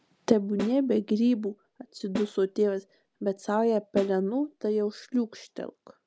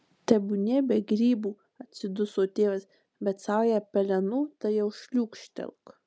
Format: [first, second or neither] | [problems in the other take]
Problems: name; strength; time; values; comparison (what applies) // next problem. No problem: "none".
second | background sound (Snare drum); 14 dB below the speech